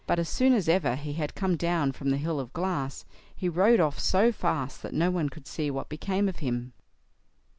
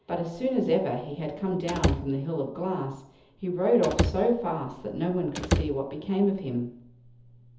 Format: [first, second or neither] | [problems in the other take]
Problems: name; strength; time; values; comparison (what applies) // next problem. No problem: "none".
first | background sound (Slam / Wood); as loud as the speech // room echo; dies away in 0.7 s